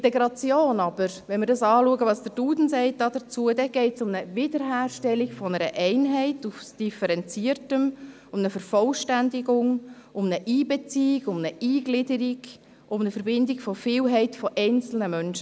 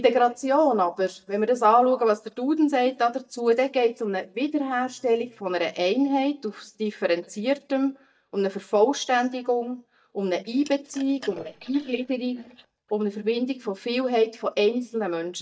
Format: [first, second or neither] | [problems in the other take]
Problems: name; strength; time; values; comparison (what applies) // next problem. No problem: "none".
first | noise reduction (neural mask model DeepFilterNet 3)